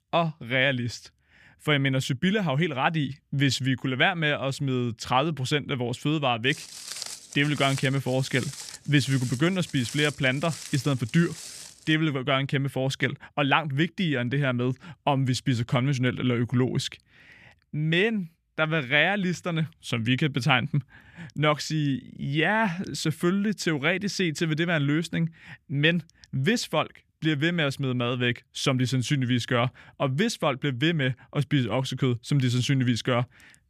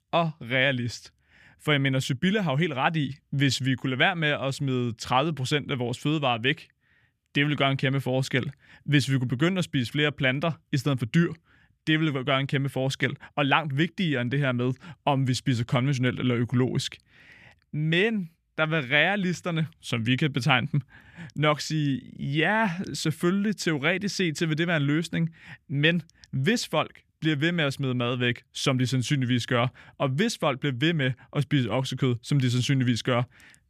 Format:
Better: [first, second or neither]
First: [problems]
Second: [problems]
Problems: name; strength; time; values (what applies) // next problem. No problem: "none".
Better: second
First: footsteps; noticeable; from 6.5 to 12 s; peak 8 dB below the speech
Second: none